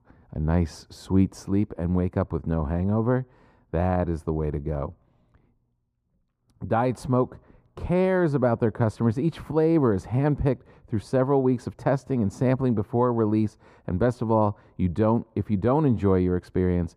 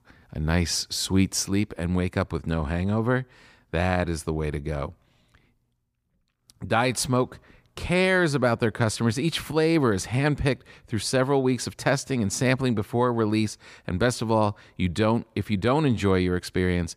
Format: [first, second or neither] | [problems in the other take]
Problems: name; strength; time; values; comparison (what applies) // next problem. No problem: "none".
second | muffled; very; fading above 1.5 kHz